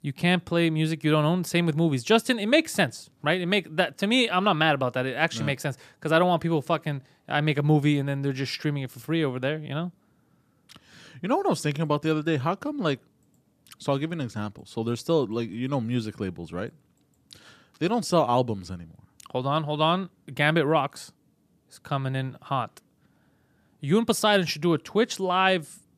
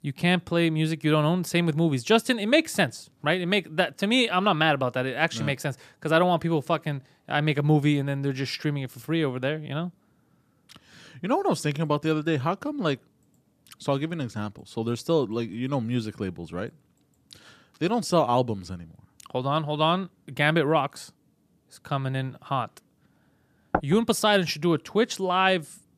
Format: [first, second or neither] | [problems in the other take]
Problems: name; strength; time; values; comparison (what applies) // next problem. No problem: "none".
first | door banging; noticeable; at 24 s; peak 5 dB below the speech